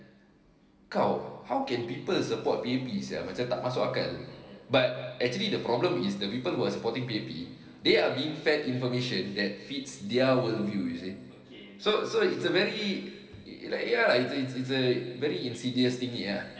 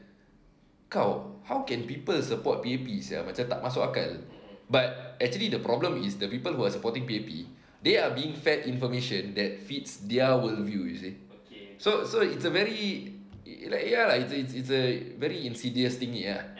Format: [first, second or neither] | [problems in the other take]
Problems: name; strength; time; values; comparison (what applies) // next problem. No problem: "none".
second | room echo; dies away in 2.8 s